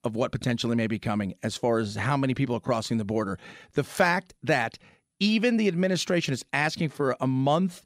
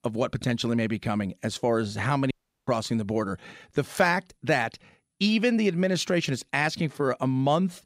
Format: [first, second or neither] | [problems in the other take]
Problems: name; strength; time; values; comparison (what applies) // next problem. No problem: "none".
first | audio cutting out; at 2.5 s